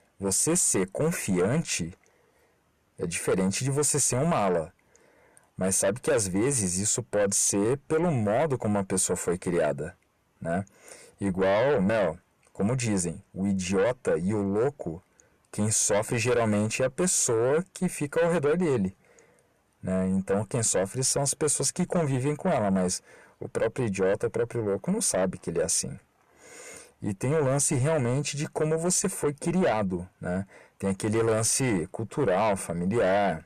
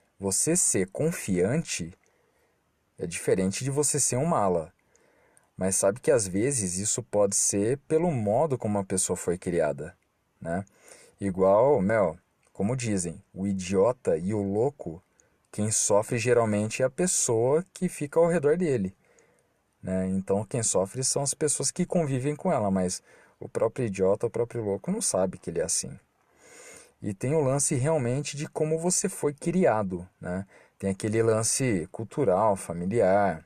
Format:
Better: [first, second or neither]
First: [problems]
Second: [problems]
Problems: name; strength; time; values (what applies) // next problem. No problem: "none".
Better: second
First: distortion; slight; 10 dB below the speech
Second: none